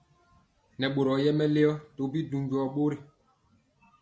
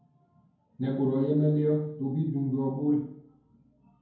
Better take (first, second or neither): first